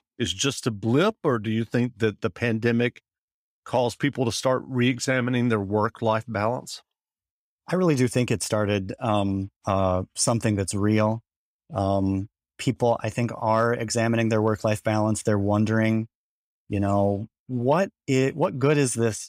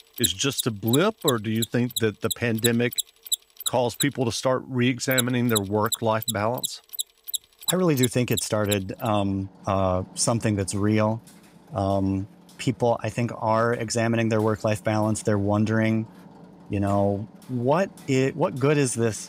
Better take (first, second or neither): first